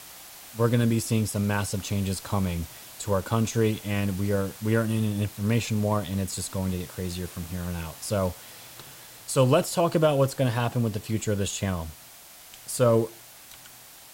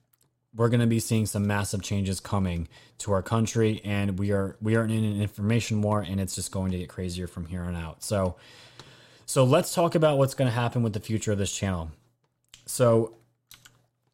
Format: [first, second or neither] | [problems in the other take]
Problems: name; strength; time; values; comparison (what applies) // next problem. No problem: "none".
second | hiss; noticeable; throughout; 15 dB below the speech